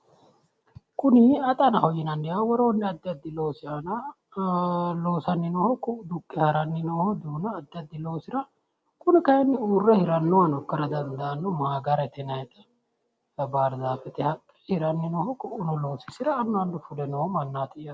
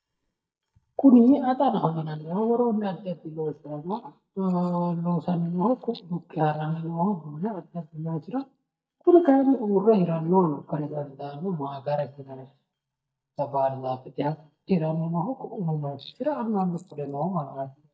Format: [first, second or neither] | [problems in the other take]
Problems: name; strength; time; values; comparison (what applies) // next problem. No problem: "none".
first | noise reduction (neural mask model DeepFilterNet 3)